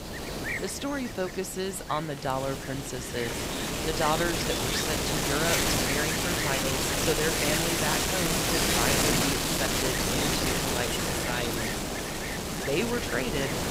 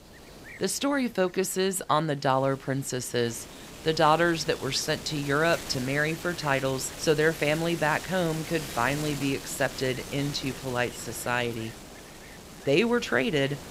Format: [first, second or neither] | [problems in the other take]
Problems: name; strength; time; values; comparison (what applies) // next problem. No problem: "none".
second | wind noise on the microphone; heavy; 5 dB above the speech; occasional gusts in the second